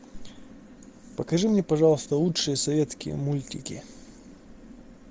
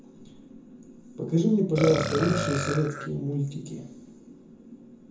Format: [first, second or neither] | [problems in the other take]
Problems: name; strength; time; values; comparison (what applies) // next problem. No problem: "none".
first | background sound (Burping, eructation); 4 dB below the speech // room echo; dies away in 0.6 s